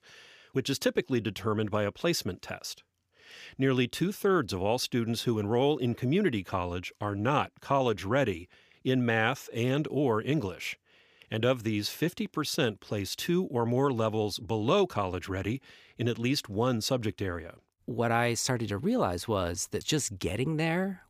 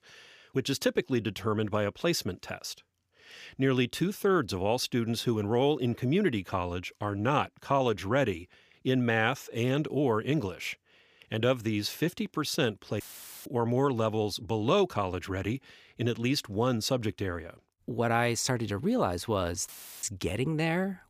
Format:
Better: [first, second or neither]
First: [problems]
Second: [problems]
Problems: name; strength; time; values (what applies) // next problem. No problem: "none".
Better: first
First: none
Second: audio cutting out; filled with static; at 13 s and at 20 s